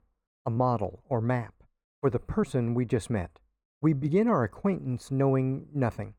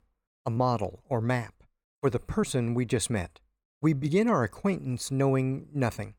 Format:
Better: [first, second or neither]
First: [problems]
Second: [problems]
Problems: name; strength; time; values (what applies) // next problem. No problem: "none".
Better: second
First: muffled; slightly; fading above 2.5 kHz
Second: none